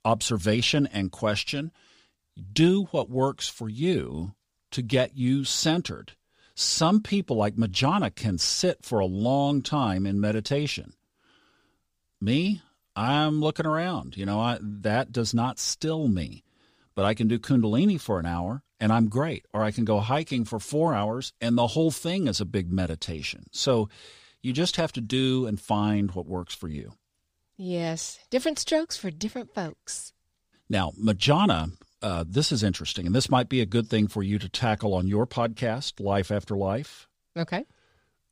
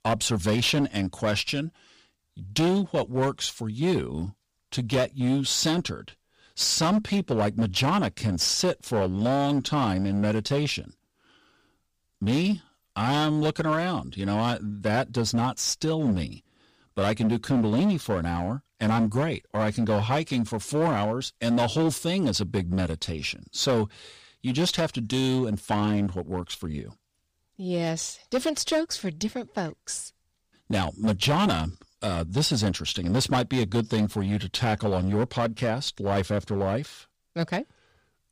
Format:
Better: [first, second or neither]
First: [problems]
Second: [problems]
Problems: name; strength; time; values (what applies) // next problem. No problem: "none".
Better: first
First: none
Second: distortion; slight; 9% of the sound clipped